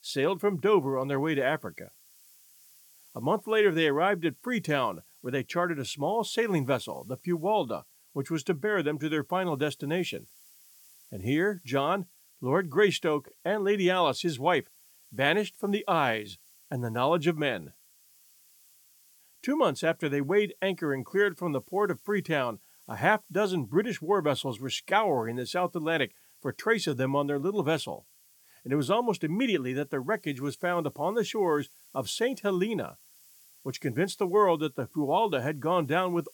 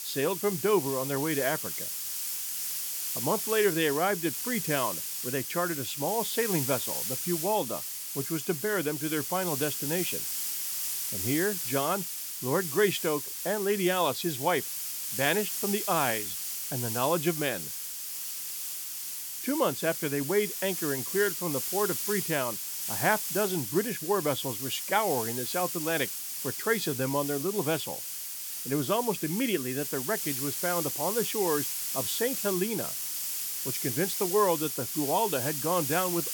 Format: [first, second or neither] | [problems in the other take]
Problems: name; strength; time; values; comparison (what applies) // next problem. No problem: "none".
first | hiss; loud; throughout; 2 dB below the speech; faint in the first